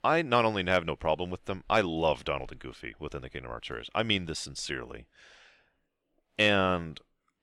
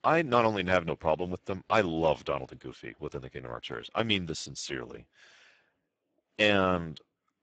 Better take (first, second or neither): first